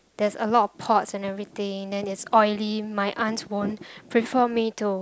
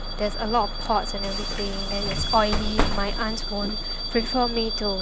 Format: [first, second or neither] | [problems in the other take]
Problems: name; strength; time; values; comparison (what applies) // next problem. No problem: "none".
first | background sound (Bus / Alarm); as loud as the speech